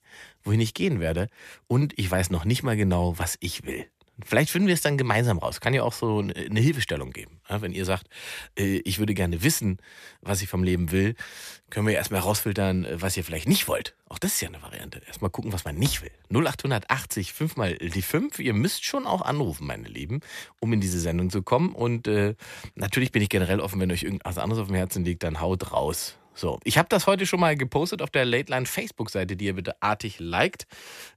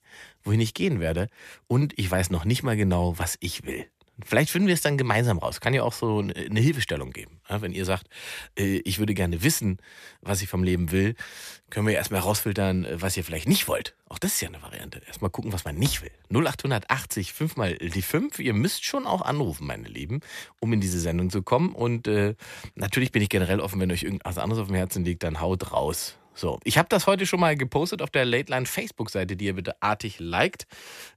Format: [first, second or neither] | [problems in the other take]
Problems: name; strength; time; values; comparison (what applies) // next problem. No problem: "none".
neither | none